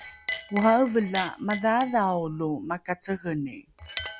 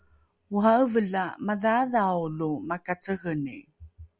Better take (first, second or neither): second